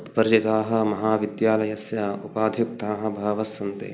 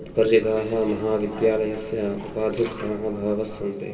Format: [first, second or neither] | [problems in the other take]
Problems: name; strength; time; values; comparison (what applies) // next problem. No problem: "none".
first | background sound (Liquid); 18 dB below the speech // room echo; dies away in 2.9 s